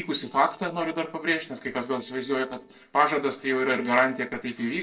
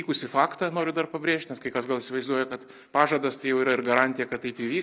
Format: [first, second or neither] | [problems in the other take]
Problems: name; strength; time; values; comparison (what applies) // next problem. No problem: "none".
second | noise reduction (neural separator model SepFormer DNS4)